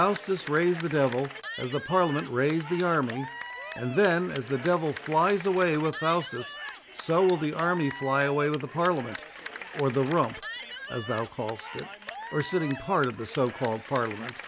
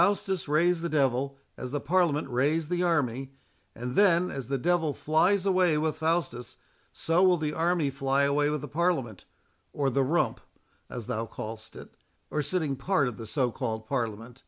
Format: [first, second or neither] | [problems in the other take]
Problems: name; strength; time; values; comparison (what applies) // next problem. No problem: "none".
second | background sound (Cheering / Clapping); 13 dB below the speech